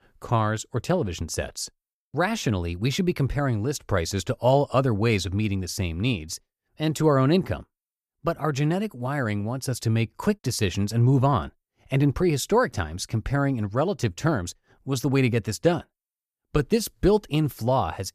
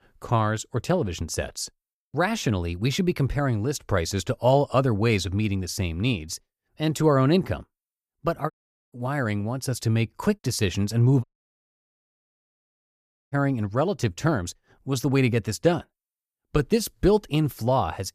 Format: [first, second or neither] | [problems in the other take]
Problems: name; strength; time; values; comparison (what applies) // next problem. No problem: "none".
first | audio cutting out; at 8.5 s and at 11 s for 2 s